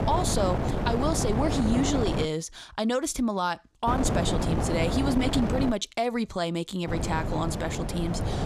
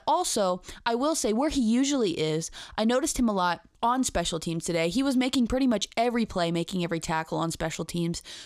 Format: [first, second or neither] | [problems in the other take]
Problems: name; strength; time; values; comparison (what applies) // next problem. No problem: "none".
second | wind noise on the microphone; heavy; until 2.5 s, from 4 to 5.5 s and from 7 s on; 4 dB below the speech